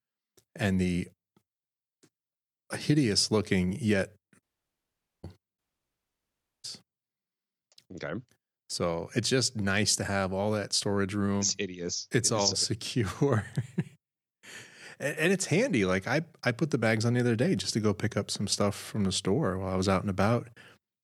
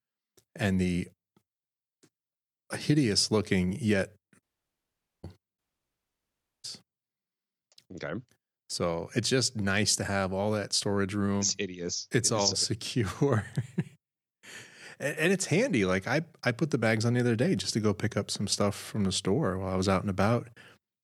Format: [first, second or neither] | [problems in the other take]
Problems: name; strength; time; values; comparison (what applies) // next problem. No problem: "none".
neither | audio cutting out; at 4.5 s for 1 s and at 5.5 s for 1 s; the same in both